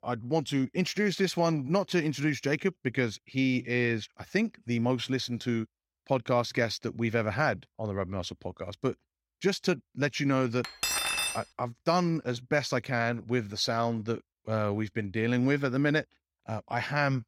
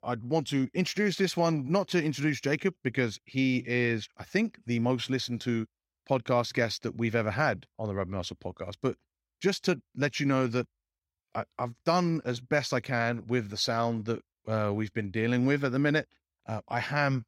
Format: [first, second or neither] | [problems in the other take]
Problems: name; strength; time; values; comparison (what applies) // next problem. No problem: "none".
second | clattering dishes; loud; at 11 s; peak 3 dB above the speech